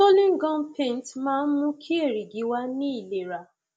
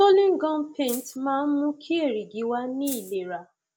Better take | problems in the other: first | background sound (Rattle (instrument)); 12 dB below the speech

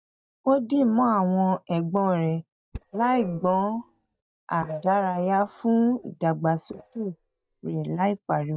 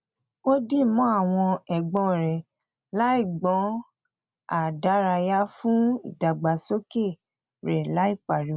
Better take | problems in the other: second | noise reduction (neural mask model DeepFilterNet 3)

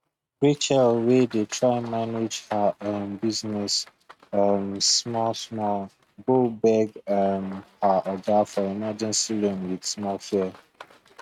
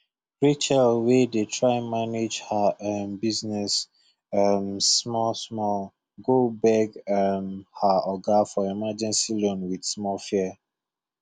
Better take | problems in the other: second | noise reduction (neural mask model RNNoise)

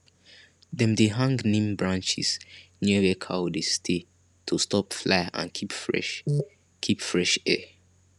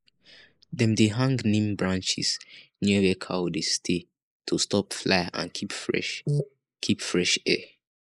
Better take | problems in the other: first | noise reduction (neural mask model Resemble Enhance denoiser)

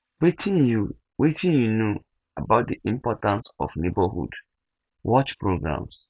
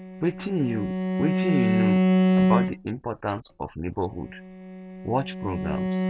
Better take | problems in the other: first | background sound (Bowed string instrument); 4 dB above the speech

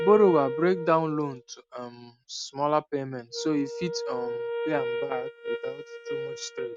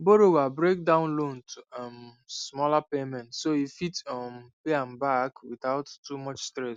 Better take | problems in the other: second | noise reduction (neural mask model RNNoise)

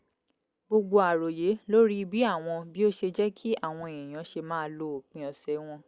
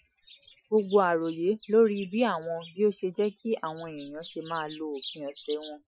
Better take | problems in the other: first | noise reduction (classical method Wiener filter)

